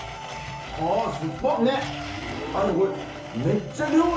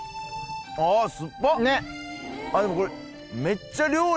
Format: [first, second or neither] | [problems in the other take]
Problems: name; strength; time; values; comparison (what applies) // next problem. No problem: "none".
second | background sound (Domestic sounds, home sounds); 11 dB below the speech // room echo; dies away in 0.7 s